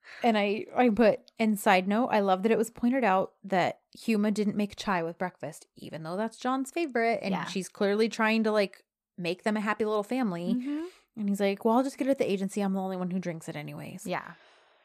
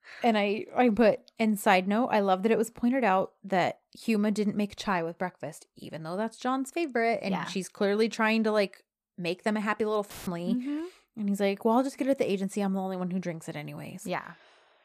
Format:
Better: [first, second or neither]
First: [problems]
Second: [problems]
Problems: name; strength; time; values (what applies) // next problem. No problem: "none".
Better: first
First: none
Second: audio cutting out; filled with static; at 10 s